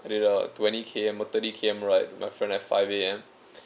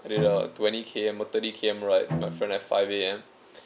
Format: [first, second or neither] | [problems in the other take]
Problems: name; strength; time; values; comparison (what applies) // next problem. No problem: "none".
first | background sound (Bowed string instrument); 8 dB below the speech